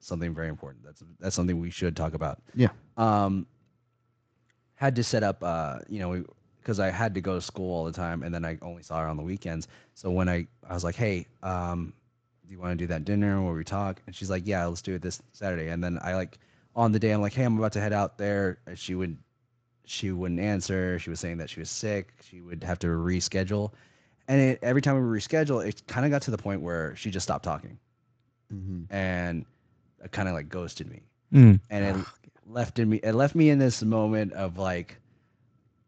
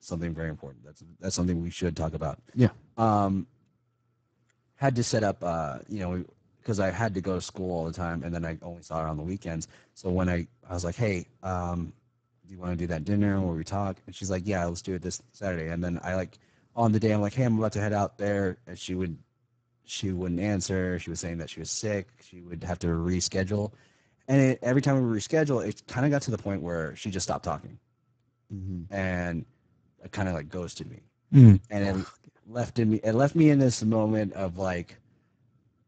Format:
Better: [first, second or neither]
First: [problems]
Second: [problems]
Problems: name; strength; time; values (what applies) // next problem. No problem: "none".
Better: first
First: garbled, watery; slightly; nothing above 7.5 kHz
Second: garbled, watery; badly; nothing above 7.5 kHz